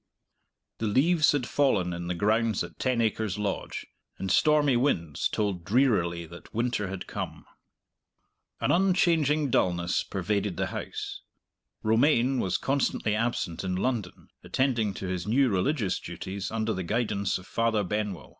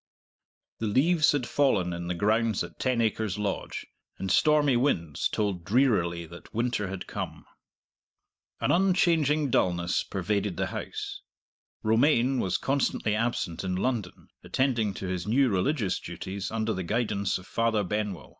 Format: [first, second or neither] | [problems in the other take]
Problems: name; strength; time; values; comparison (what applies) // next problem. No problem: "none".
first | noise reduction (neural mask model DeepFilterNet 3)